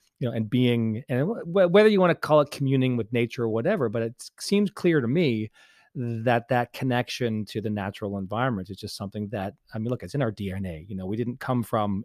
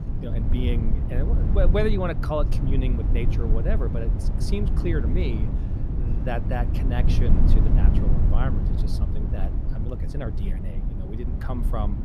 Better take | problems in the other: first | low rumble; loud; throughout; 5 dB below the speech

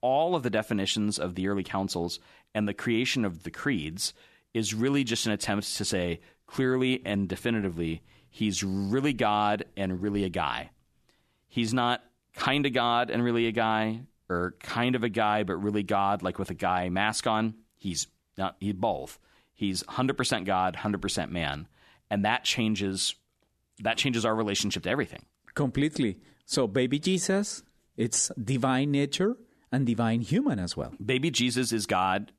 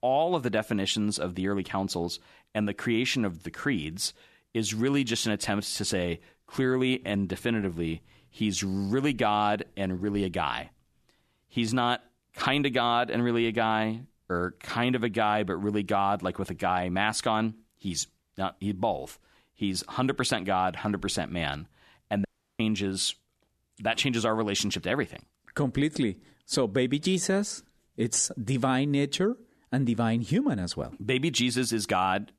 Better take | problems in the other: first | audio cutting out; at 22 s

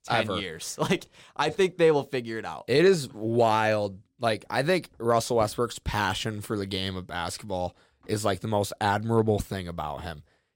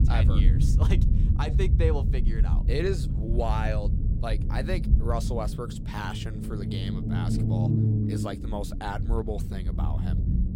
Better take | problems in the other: first | low rumble; loud; throughout; 4 dB below the speech

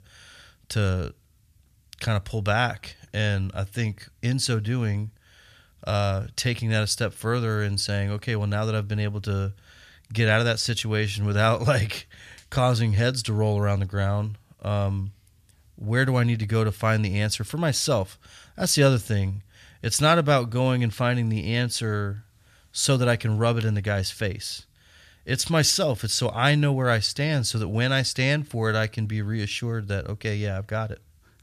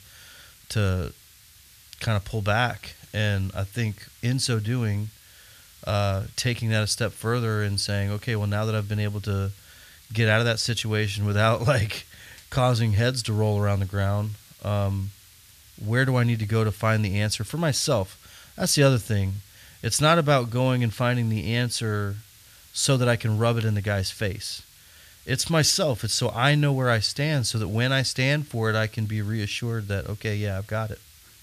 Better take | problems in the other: first | hiss; faint; throughout; 25 dB below the speech

